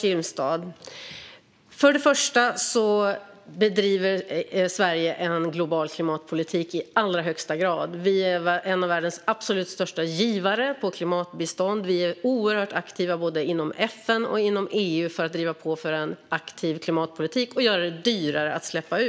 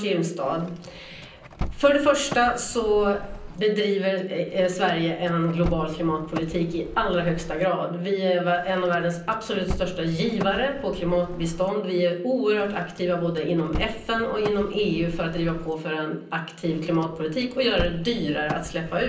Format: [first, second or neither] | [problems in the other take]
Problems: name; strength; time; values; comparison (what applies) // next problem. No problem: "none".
first | background sound (Car); 12 dB below the speech // room echo; dies away in 0.6 s